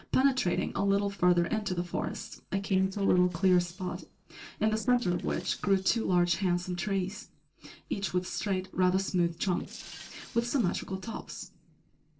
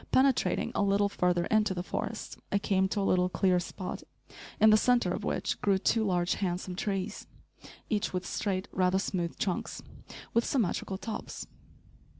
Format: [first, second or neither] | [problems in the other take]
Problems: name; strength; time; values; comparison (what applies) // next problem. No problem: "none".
second | noise reduction (neural separator model SepFormer DNS4)